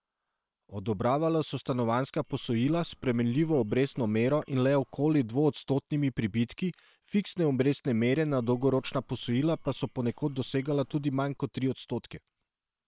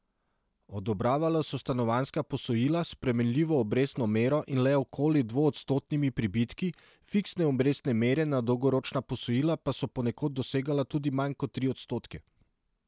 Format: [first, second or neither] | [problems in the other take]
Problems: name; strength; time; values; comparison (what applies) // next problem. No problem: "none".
second | noise reduction (neural separator model SepFormer WHAM!)